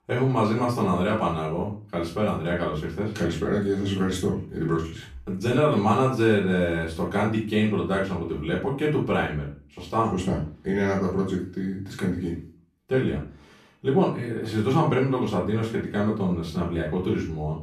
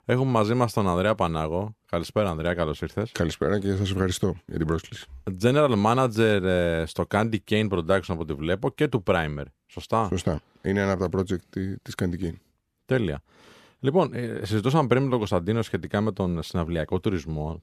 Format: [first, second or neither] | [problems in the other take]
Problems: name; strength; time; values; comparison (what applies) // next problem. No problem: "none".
second | off-mic speech; far // room echo; slight; dies away in 0.3 s